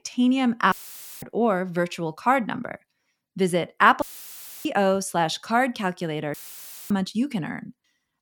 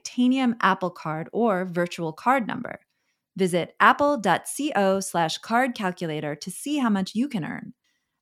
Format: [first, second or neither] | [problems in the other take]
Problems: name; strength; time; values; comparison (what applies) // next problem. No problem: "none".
second | audio cutting out; filled with static; at 0.5 s for 0.5 s, at 4 s for 0.5 s and at 6.5 s for 0.5 s